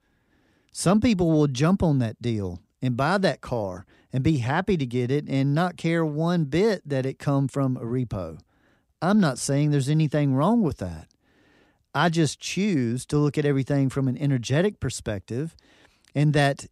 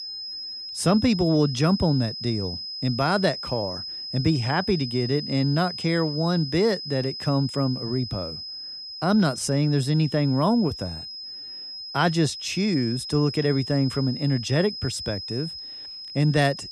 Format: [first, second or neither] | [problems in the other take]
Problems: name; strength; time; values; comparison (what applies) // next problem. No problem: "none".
first | high-pitched whine; loud; throughout; 5 kHz, 8 dB below the speech